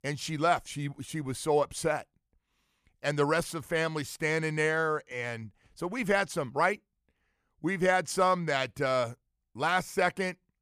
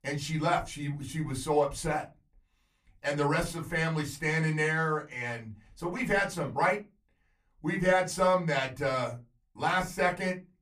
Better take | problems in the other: first | off-mic speech; far // room echo; very slight; dies away in 0.2 s

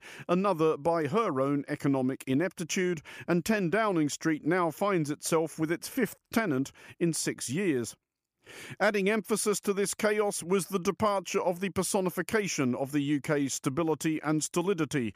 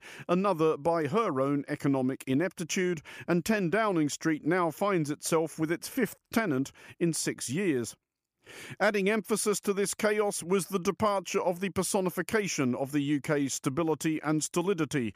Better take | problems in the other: neither | none

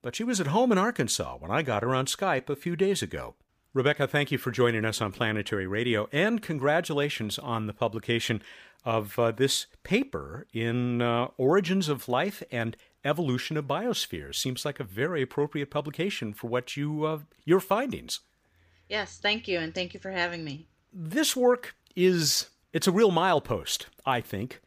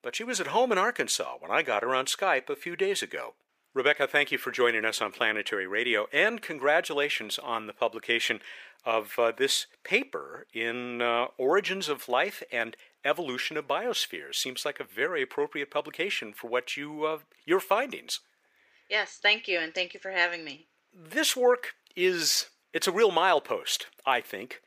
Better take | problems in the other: first | thin; somewhat; fading below 450 Hz

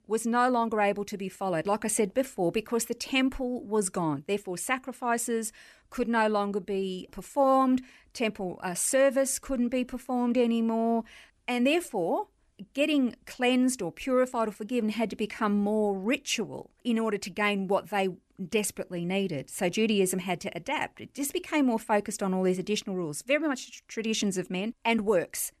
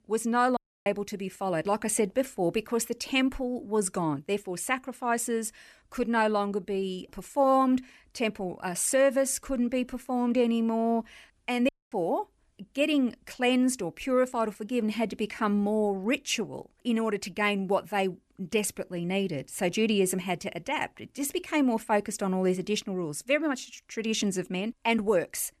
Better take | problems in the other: first | audio cutting out; at 0.5 s and at 12 s

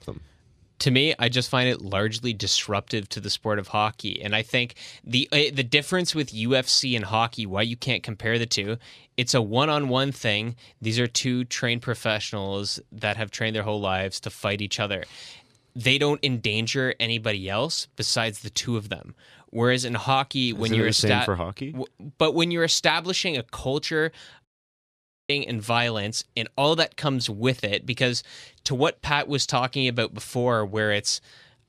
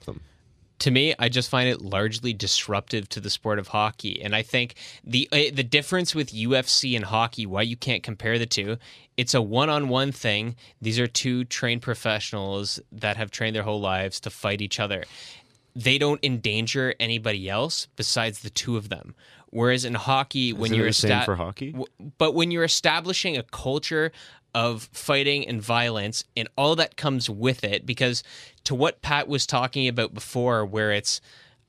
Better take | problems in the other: second | audio cutting out; at 24 s for 1 s

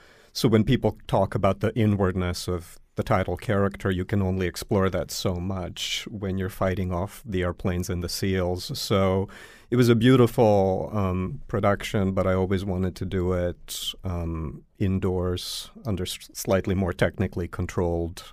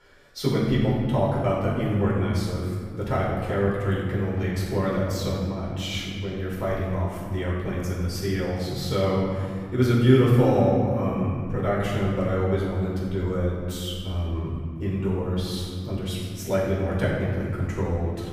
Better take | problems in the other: first | off-mic speech; far // room echo; strong; dies away in 2.5 s

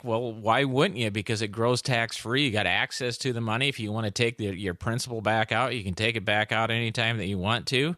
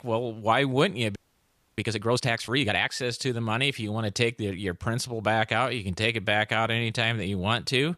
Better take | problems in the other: first | audio freezing; at 1 s for 0.5 s

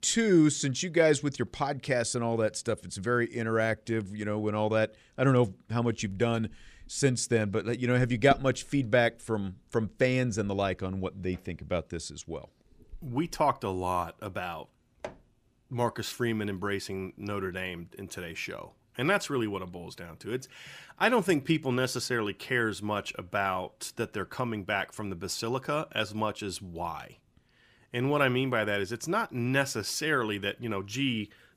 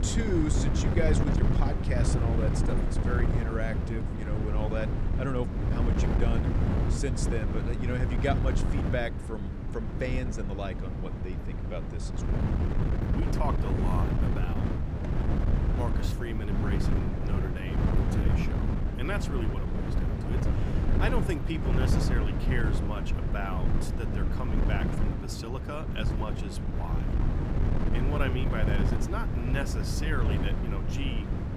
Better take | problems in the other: first | wind noise on the microphone; heavy; 1 dB below the speech

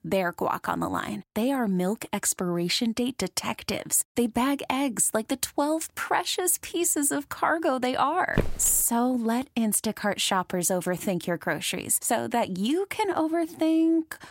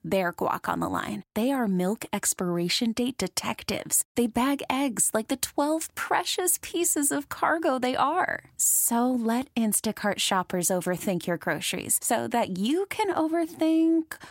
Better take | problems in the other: second | footsteps; noticeable; at 8.5 s; peak 4 dB below the speech

